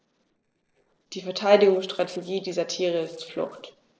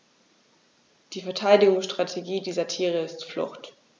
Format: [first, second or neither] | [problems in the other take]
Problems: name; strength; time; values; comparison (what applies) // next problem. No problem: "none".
second | noise reduction (neural separator model SepFormer DNS4)